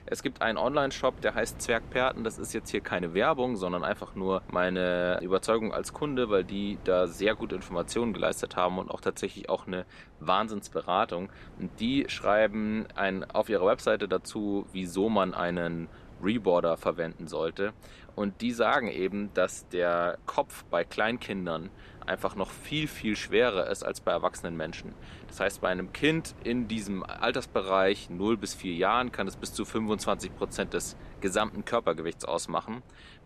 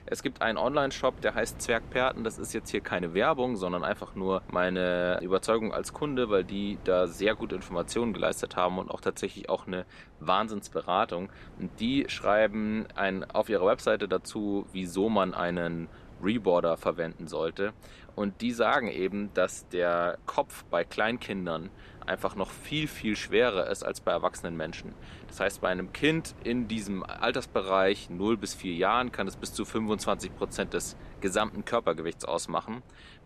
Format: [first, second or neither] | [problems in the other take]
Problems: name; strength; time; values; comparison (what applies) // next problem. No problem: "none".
neither | wind noise on the microphone; occasional gusts; 25 dB below the speech; the same in both